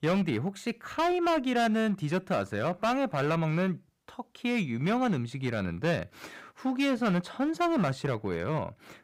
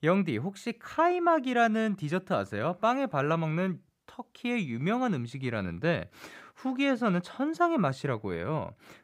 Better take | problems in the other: second | distortion; slight; 10% of the sound clipped

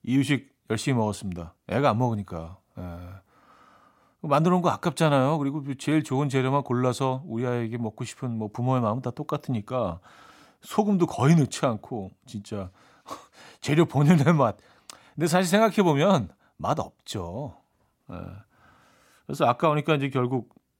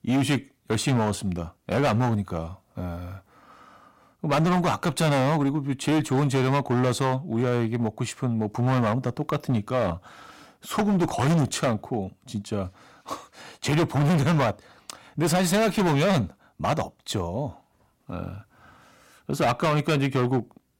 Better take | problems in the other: first | distortion; heavy; 15% of the sound clipped

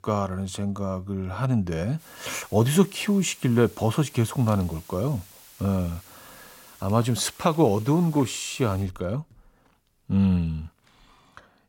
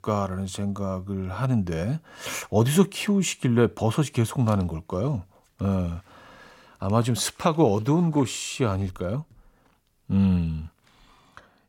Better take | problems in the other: second | hiss; faint; from 2 to 9 s; 20 dB below the speech

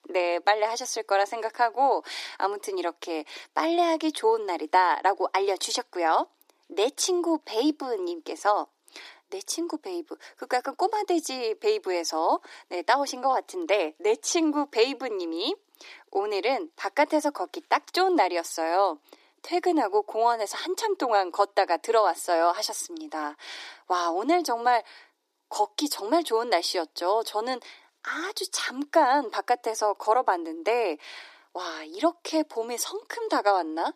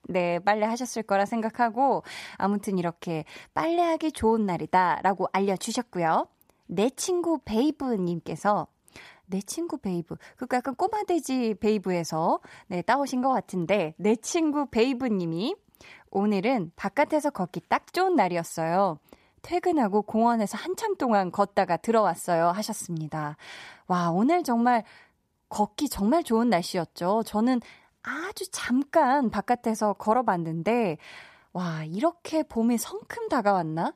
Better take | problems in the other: second | thin; somewhat; fading below 300 Hz

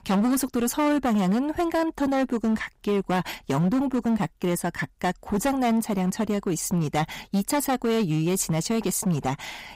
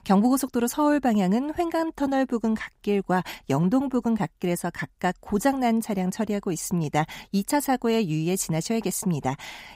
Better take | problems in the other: second | distortion; slight; 14% of the sound clipped

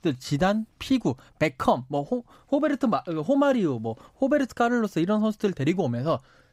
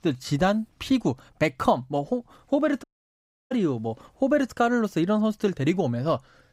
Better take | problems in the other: first | audio cutting out; at 3 s for 0.5 s

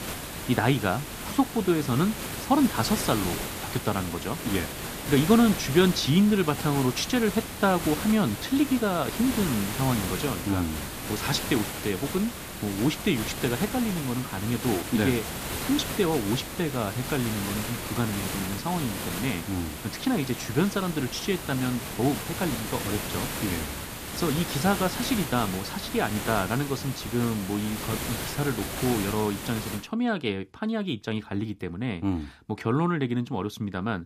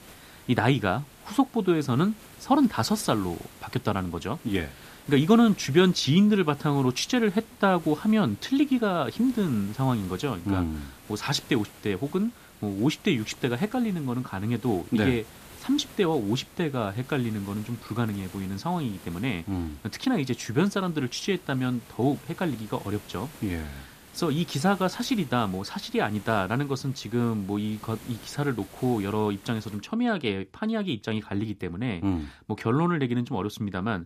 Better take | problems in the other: second | hiss; loud; until 30 s; 6 dB below the speech; faint in the second

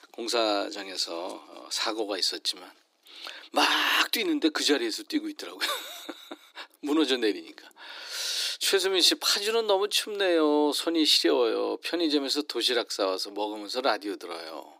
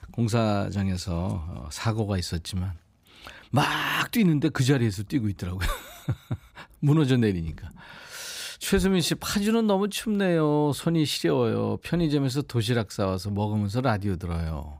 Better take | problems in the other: second | thin; somewhat; fading below 300 Hz

